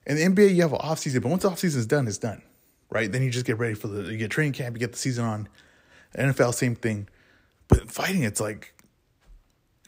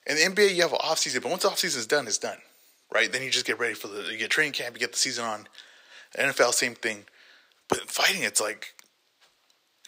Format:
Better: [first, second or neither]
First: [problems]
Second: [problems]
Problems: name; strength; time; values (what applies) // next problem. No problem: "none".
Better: first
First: none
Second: thin; very; fading below 550 Hz